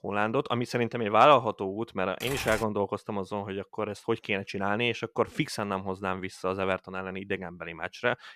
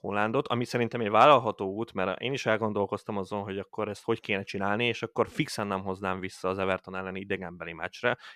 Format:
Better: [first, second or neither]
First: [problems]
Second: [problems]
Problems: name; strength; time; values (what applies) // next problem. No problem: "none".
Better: second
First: keyboard typing; noticeable; at 2 s; peak 7 dB below the speech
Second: none